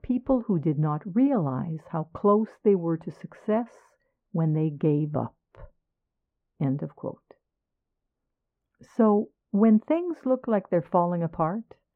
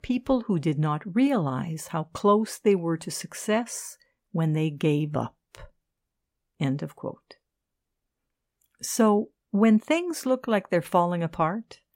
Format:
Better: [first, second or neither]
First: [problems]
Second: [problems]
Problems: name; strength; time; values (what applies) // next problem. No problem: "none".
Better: second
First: muffled; very; fading above 3 kHz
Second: none